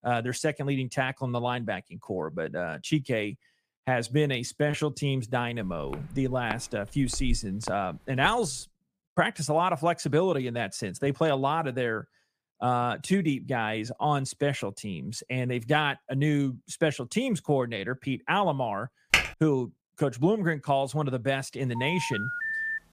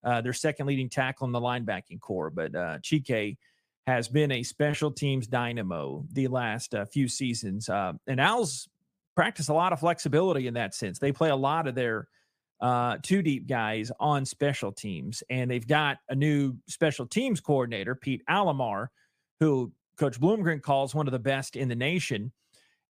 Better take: second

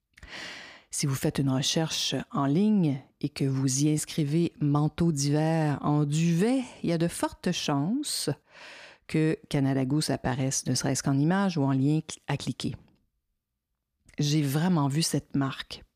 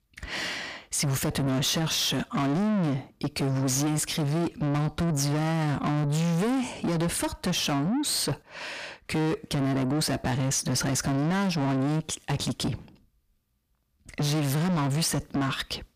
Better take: first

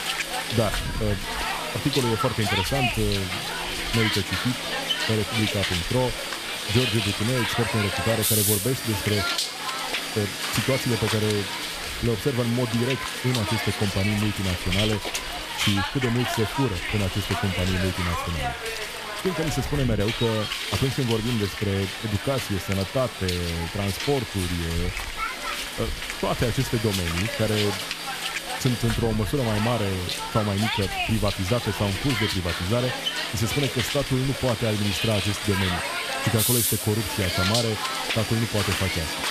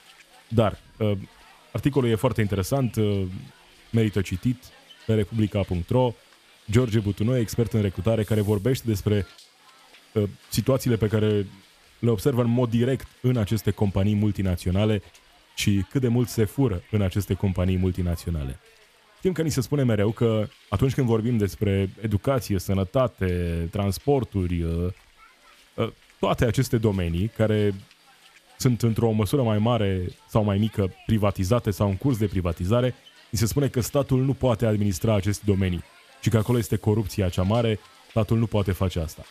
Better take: second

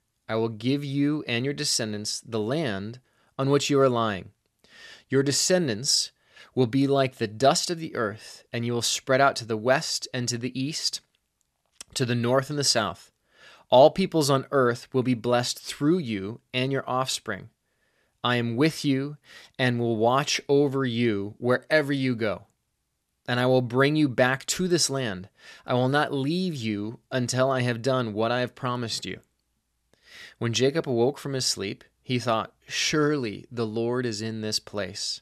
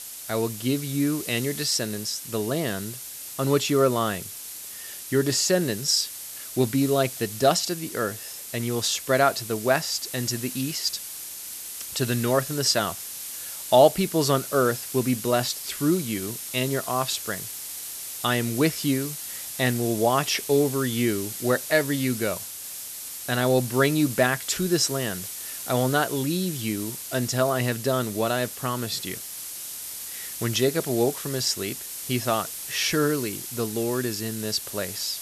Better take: first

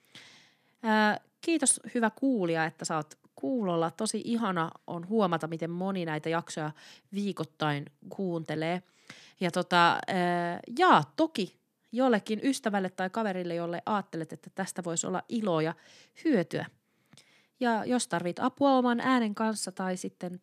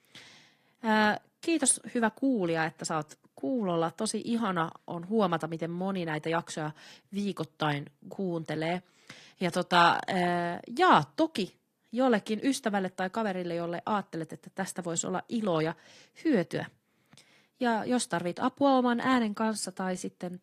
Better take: first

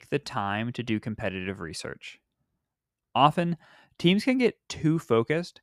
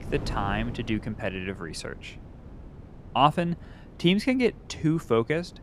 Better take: first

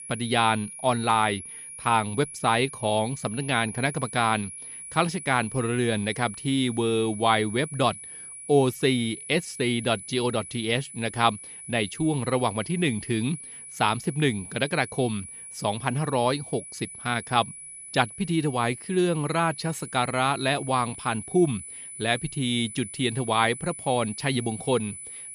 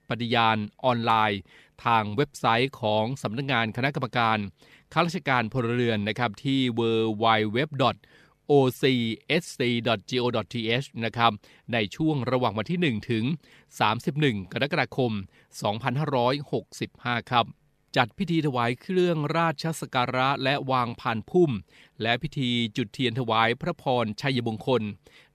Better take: second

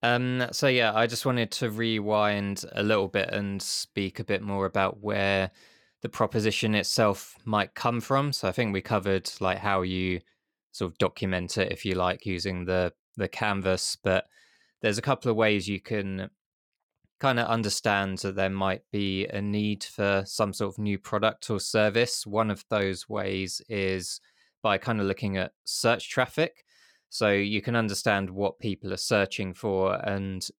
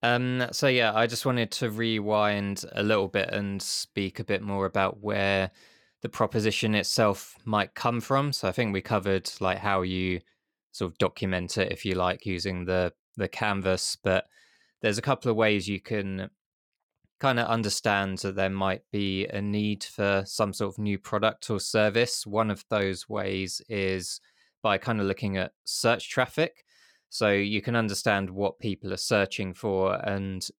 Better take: neither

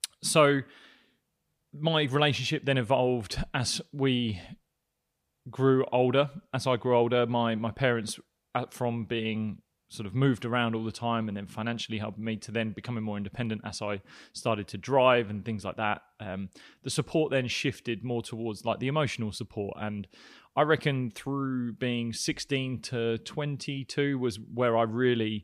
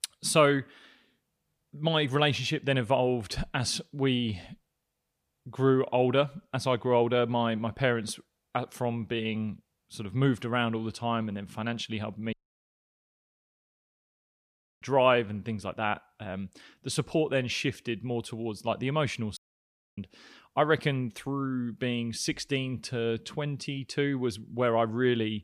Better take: first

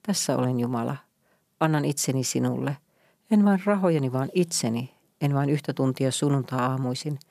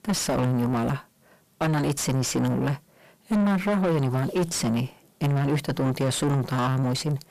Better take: first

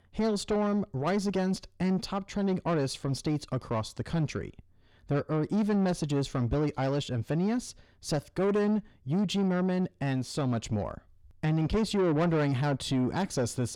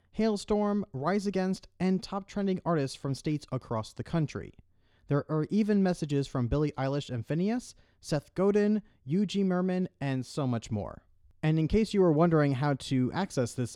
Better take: second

